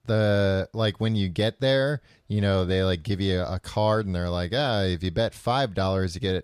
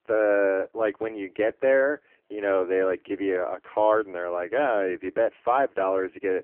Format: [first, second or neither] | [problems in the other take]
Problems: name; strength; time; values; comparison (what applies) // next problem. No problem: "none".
first | phone-call audio; poor line